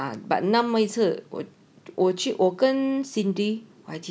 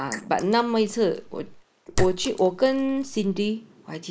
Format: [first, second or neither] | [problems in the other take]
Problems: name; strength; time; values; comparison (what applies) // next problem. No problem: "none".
first | noise reduction (neural mask model Resemble Enhance denoiser)